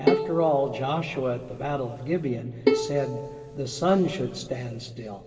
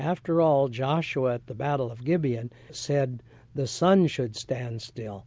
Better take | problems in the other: second | background sound (Bowed string instrument); 3 dB below the speech // room echo; dies away in 2 s

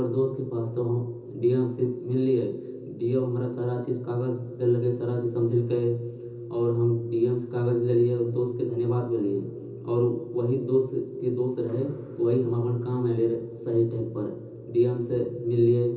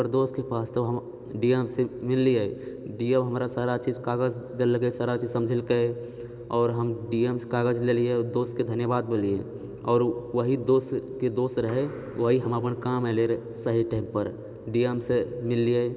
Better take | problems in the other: second | room echo; dies away in 0.6 s

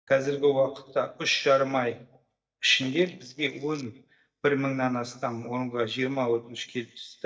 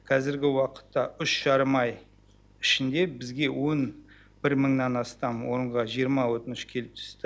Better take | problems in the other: second | noise reduction (neural mask model DeepFilterNet 3)

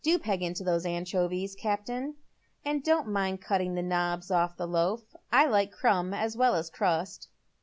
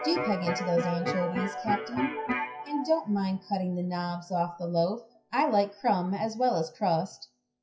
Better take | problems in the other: first | noise reduction (classical method WPE with log-MMSE)

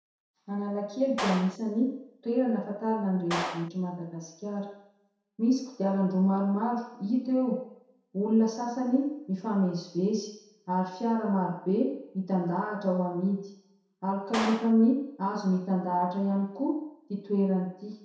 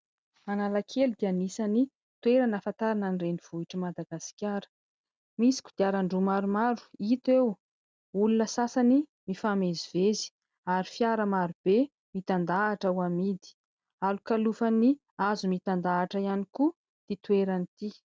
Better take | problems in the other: second | background sound (Clapping); 11 dB below the speech // room echo; dies away in 0.7 s

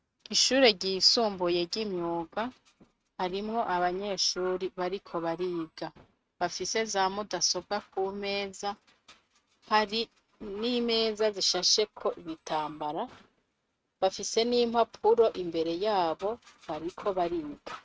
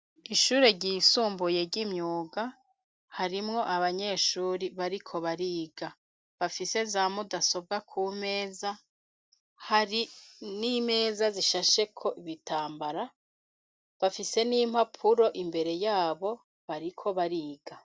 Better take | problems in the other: second | noise reduction (neural mask model RNNoise)

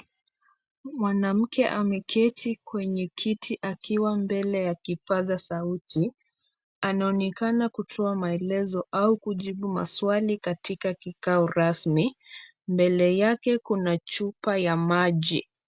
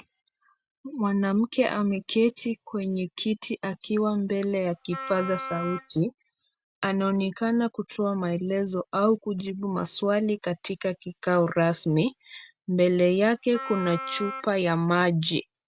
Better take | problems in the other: first | background sound (Wind instrument, woodwind instrument); 10 dB below the speech

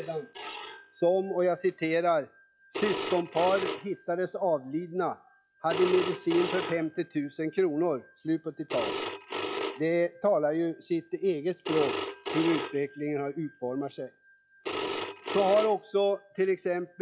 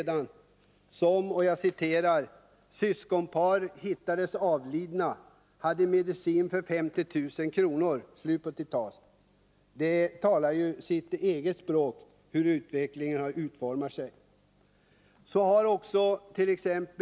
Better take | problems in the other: second | noise reduction (classical method log-MMSE)

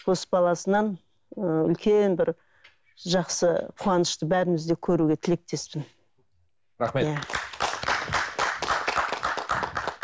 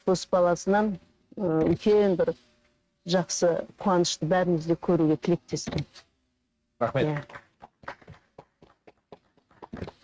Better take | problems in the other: first | noise reduction (neural mask model RNNoise)

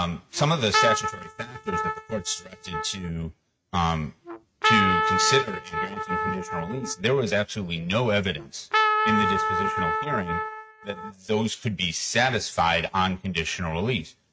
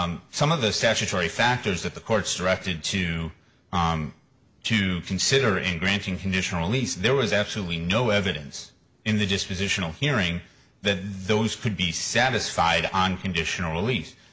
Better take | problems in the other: second | noise reduction (neural mask model RNNoise)

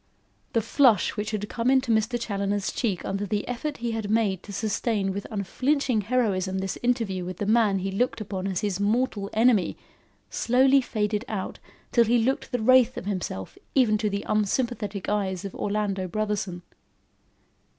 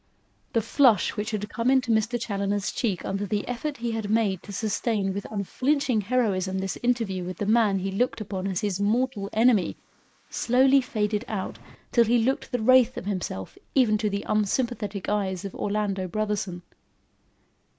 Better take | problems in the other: first | noise reduction (neural mask model Resemble Enhance denoiser)

